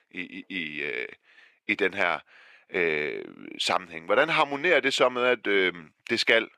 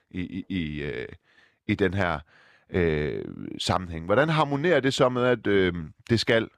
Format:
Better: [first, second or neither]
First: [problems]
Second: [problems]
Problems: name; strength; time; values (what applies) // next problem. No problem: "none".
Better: second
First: thin; somewhat; fading below 400 Hz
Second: none